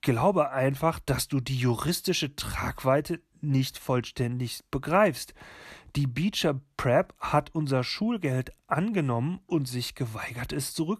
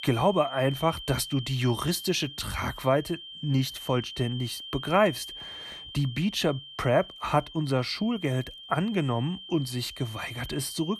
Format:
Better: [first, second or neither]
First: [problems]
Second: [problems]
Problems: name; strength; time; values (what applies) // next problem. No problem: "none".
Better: first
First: none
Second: high-pitched whine; noticeable; throughout; 3 kHz, 10 dB below the speech